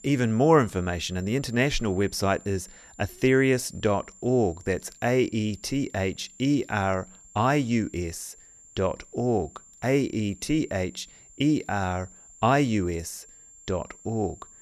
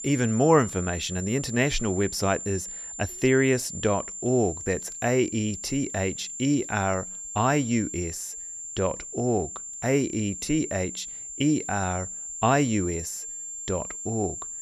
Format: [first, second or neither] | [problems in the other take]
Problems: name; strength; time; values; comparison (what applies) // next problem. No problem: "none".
first | high-pitched whine; loud; throughout; 7.5 kHz, 8 dB below the speech; faint in the first